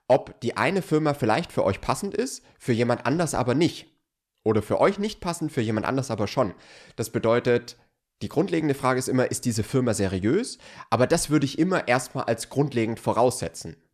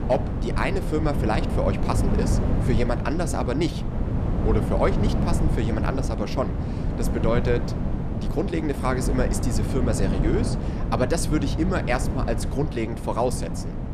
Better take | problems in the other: first | wind noise on the microphone; heavy; 6 dB below the speech

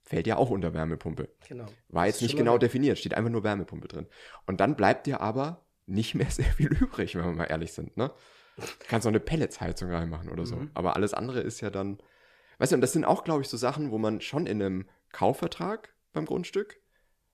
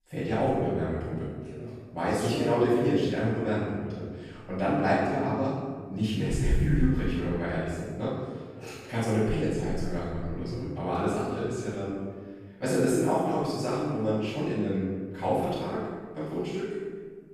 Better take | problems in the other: first | off-mic speech; far // room echo; strong; dies away in 1.4 s

